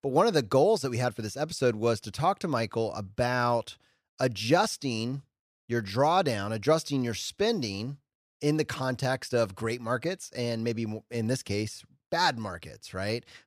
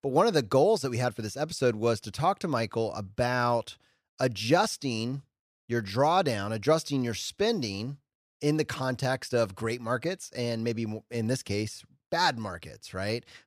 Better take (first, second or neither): neither